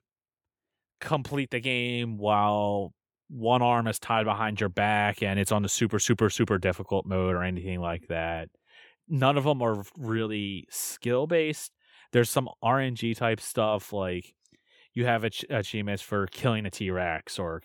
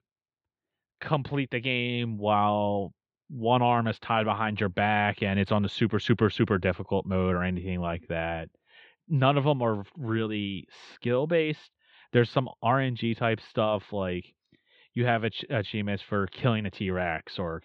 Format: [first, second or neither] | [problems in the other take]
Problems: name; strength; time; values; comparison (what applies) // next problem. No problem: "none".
first | muffled; slightly; fading above 4 kHz